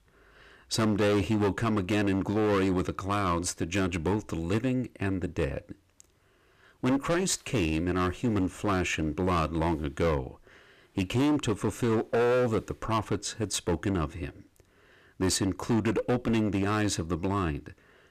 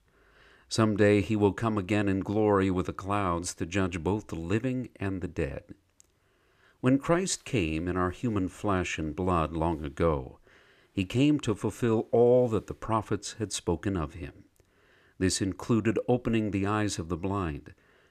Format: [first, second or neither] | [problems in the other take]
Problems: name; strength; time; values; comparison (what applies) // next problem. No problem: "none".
second | distortion; heavy; 13% of the sound clipped